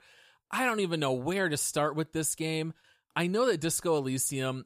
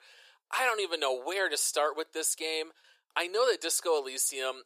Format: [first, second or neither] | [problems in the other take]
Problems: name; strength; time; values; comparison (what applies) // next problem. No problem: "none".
first | thin; very; fading below 400 Hz